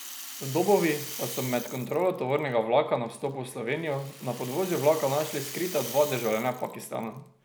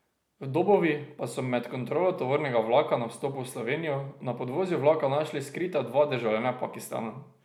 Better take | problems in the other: second | background sound (Rattle); 13 dB below the speech

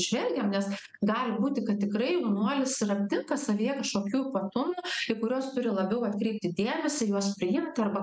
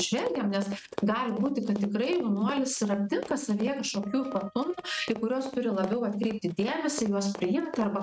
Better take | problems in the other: first | noise reduction (neural mask model RNNoise)

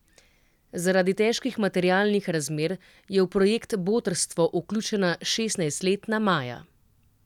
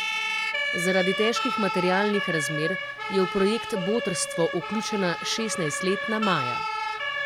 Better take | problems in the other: first | background sound (Siren); 2 dB below the speech

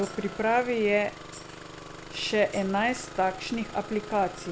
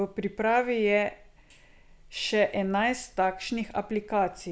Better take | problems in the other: second | background sound (Engine starting + Tambourine); 14 dB below the speech

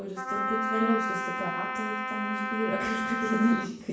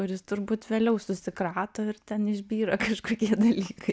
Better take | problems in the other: second | background sound (Wind instrument, woodwind instrument); 1 dB below the speech // room echo; dies away in 0.7 s

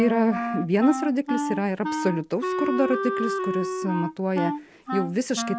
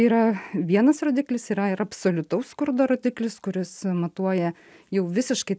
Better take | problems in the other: second | background sound (Wind instrument, woodwind instrument); 4 dB below the speech

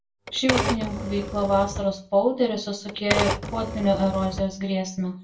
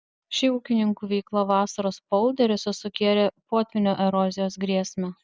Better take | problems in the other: second | background sound (Typewriter); 5 dB below the speech // room echo; dies away in 0.3 s

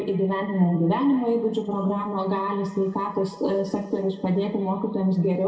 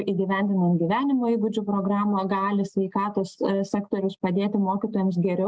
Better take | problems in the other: second | room echo; dies away in 1.7 s

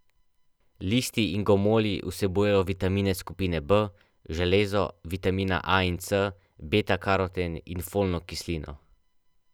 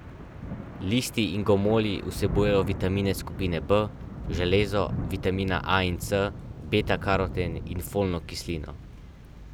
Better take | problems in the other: first | background sound (Thunder / Rain); 8 dB below the speech

